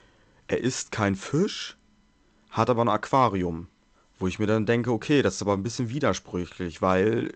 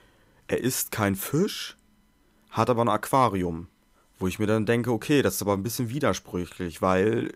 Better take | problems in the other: second | garbled, watery; slightly; nothing above 8 kHz

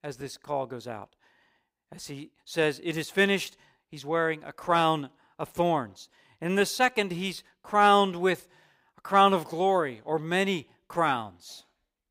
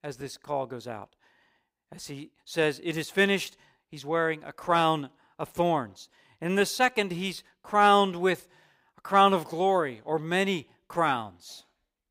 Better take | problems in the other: neither | none

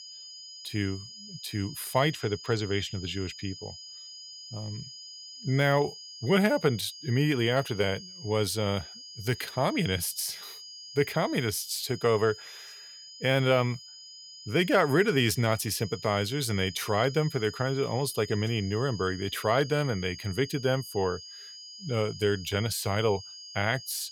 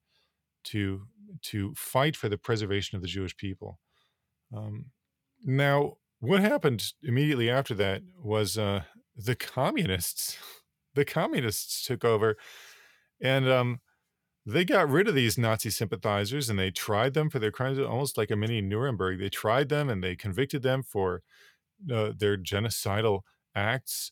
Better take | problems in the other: second | high-pitched whine; noticeable; throughout; 5 kHz, 15 dB below the speech

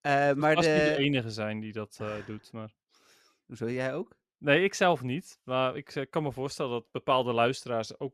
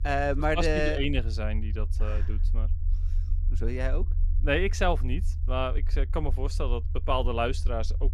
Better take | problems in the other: first | low rumble; faint; throughout; 20 dB below the speech

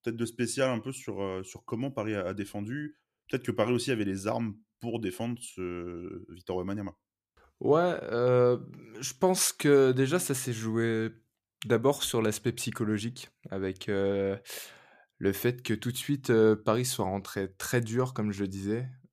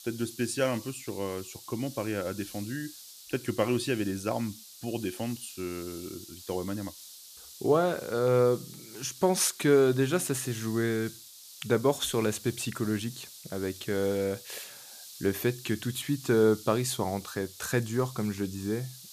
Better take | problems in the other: first | hiss; noticeable; throughout; 15 dB below the speech

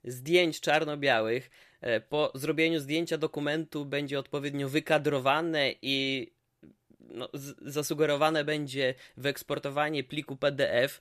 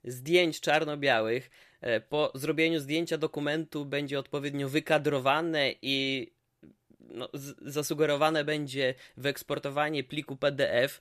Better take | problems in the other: neither | none

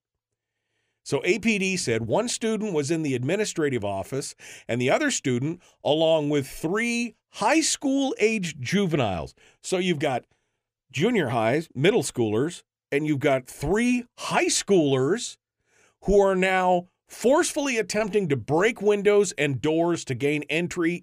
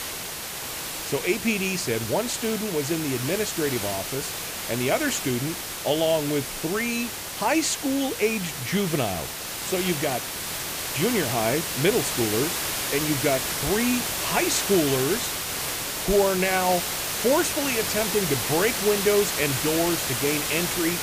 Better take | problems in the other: first | hiss; loud; throughout; 2 dB below the speech

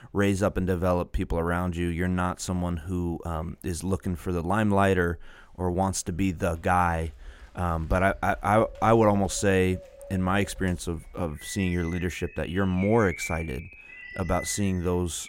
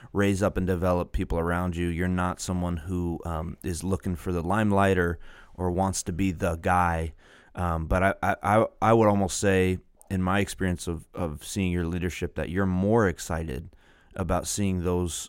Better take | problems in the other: second | animal sounds; noticeable; from 6.5 s on; 15 dB below the speech

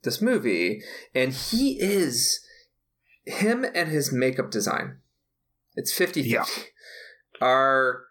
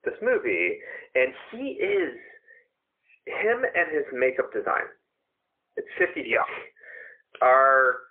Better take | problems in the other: first | phone-call audio; poor line

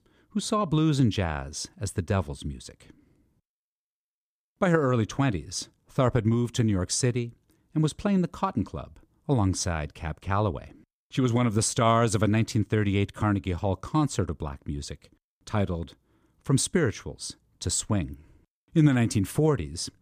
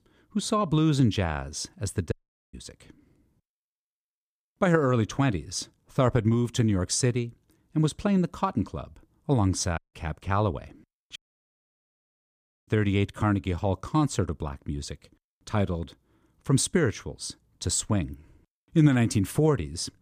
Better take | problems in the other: first | audio cutting out; at 2 s, at 10 s and at 11 s for 1.5 s

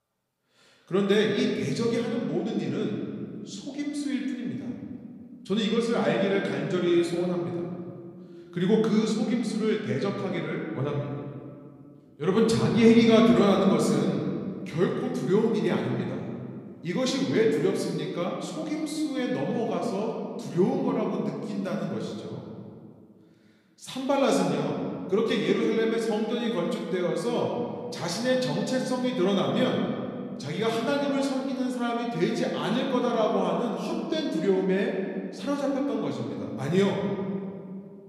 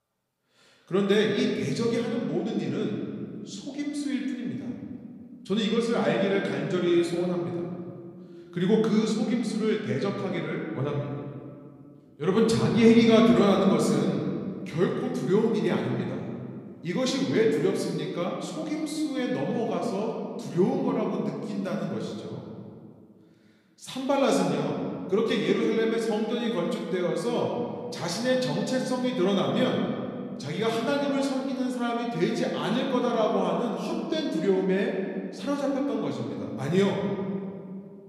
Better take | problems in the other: neither | room echo; noticeable; dies away in 2 s; the same in both // off-mic speech; somewhat distant; the same in both

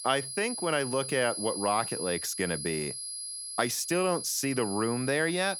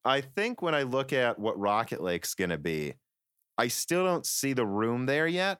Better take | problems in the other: second | high-pitched whine; loud; throughout; 10.5 kHz, 5 dB below the speech

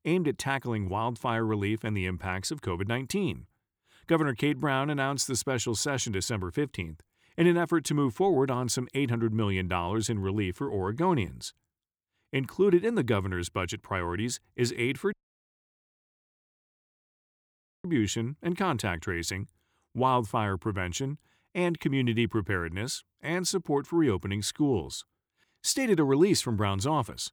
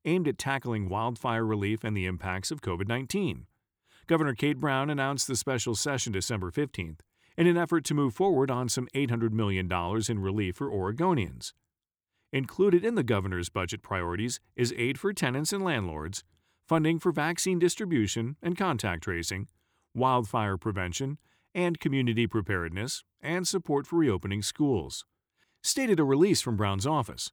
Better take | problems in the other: second | audio cutting out; at 15 s for 2.5 s

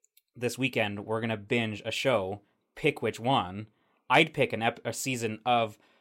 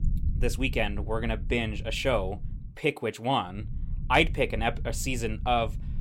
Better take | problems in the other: first | low rumble; faint; until 2.5 s and from 3.5 s on; 25 dB below the speech

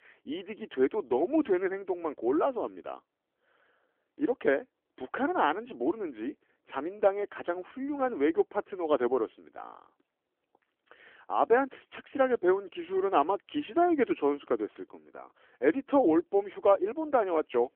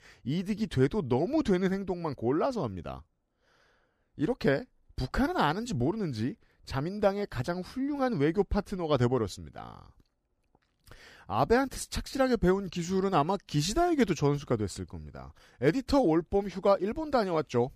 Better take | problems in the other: second | phone-call audio; nothing above 3 kHz

